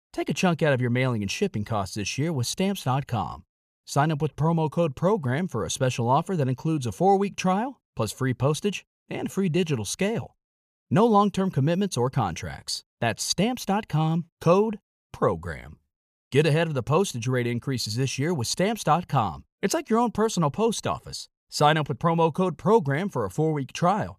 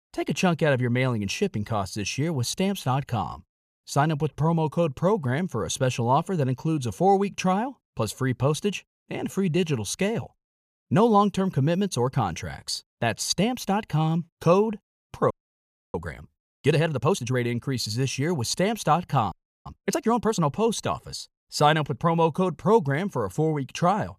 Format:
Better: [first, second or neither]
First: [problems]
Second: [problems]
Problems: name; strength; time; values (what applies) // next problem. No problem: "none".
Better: first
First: none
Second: audio freezing; at 15 s for 0.5 s and at 19 s